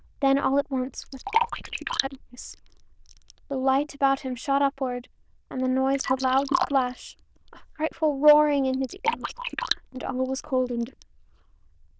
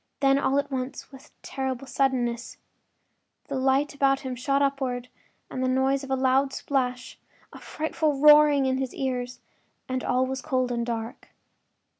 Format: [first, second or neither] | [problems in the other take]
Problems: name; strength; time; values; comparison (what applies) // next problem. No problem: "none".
second | noise reduction (neural diffusion model UNIVERSE++)